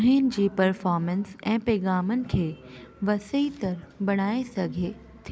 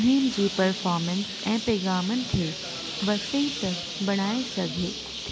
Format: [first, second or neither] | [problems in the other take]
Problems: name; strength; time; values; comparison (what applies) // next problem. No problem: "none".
first | background sound (Bird); 8 dB below the speech